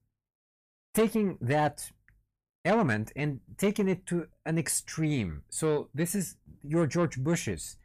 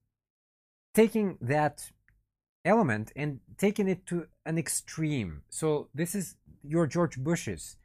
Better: second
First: distortion; slight; 10 dB below the speech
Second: none

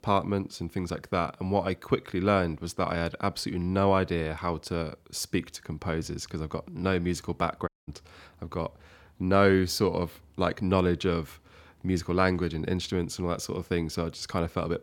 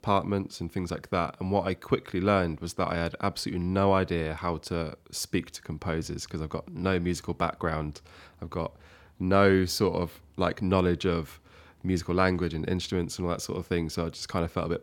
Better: second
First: audio cutting out; at 7.5 s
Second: none

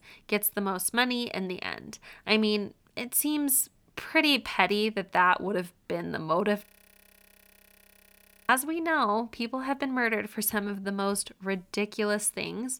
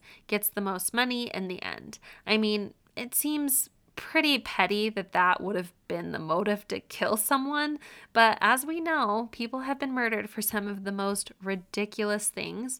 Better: second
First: audio freezing; at 6.5 s for 2 s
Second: none

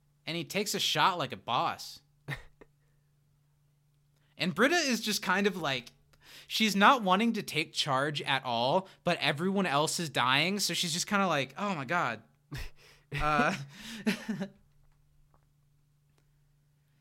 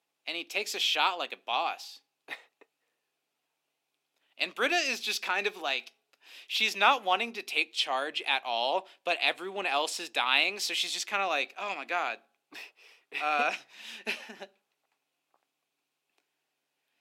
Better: first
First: none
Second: thin; somewhat; fading below 300 Hz

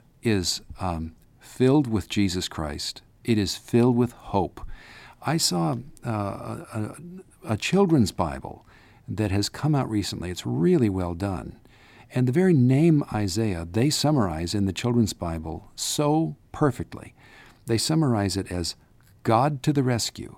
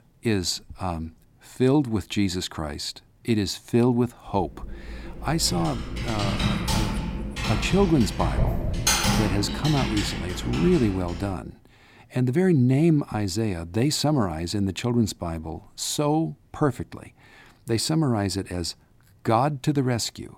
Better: first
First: none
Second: keyboard typing; loud; from 4.5 to 11 s; peak 5 dB above the speech

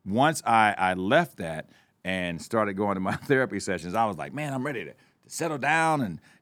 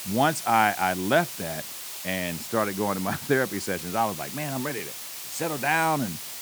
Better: first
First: none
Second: hiss; loud; throughout; 7 dB below the speech

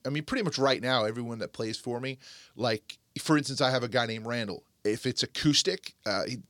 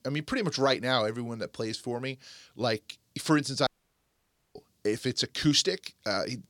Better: first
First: none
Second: audio cutting out; at 3.5 s for 1 s

